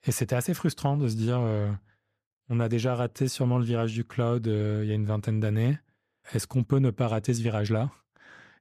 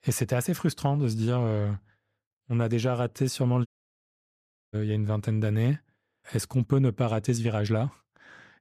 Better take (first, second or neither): first